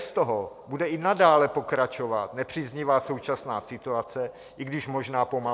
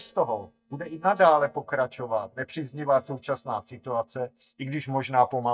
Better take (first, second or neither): first